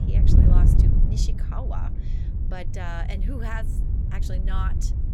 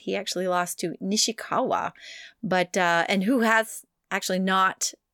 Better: second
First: wind noise on the microphone; heavy; 1 dB below the speech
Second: none

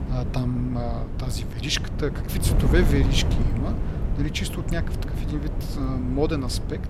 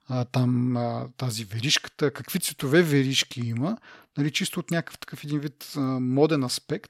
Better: second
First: wind noise on the microphone; heavy; 7 dB below the speech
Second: none

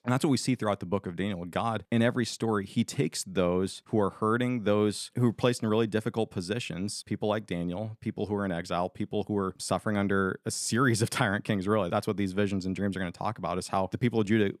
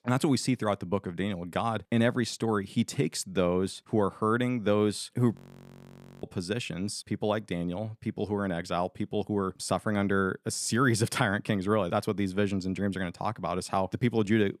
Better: first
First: none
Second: audio freezing; at 5.5 s for 1 s

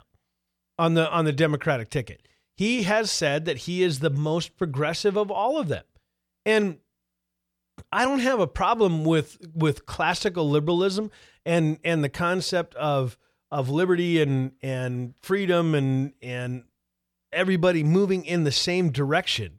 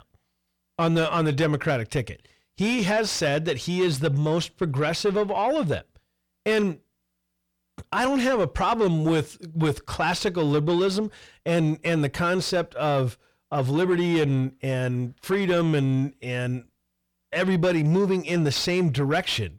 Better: first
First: none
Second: distortion; slight; 10 dB below the speech

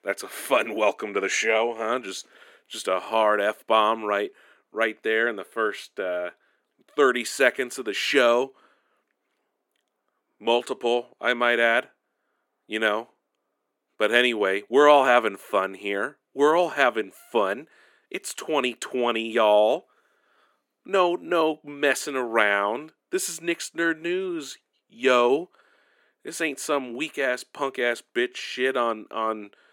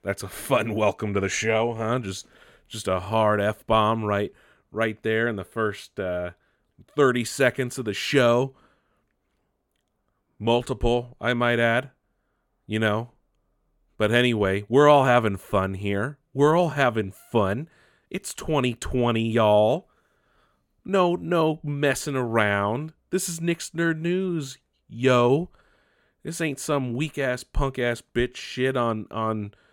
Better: second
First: thin; somewhat; fading below 300 Hz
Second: none

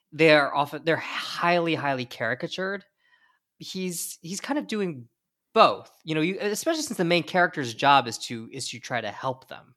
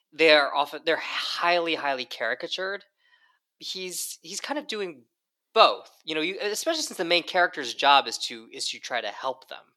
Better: first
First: none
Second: thin; somewhat; fading below 450 Hz

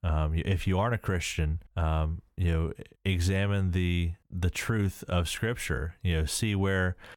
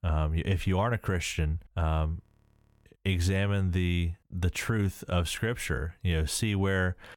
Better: first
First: none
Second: audio freezing; at 2 s for 0.5 s

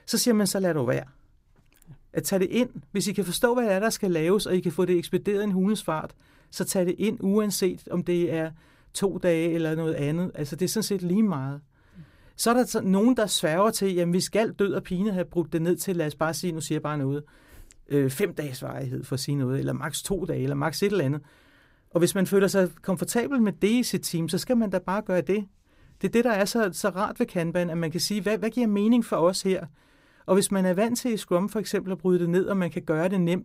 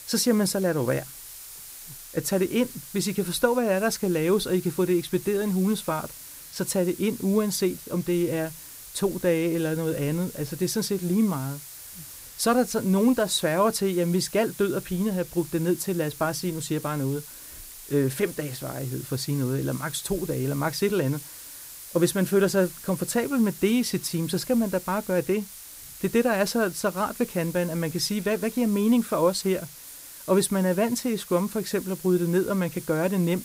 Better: first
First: none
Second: hiss; noticeable; throughout; 15 dB below the speech

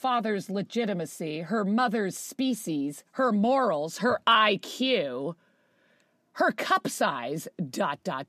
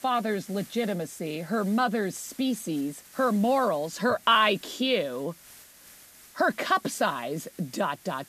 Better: first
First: none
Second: hiss; faint; throughout; 20 dB below the speech

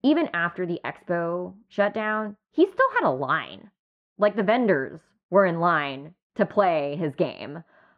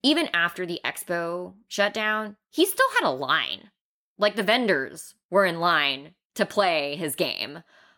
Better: second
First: muffled; very; fading above 1.5 kHz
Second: none

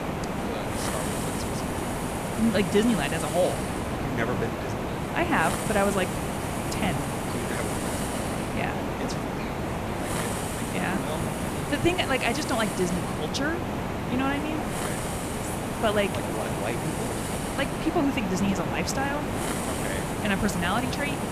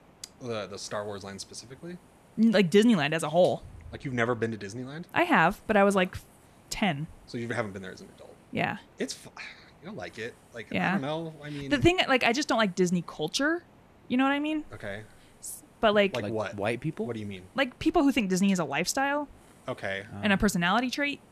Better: second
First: hiss; loud; throughout; 1 dB below the speech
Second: hiss; faint; throughout; 30 dB below the speech

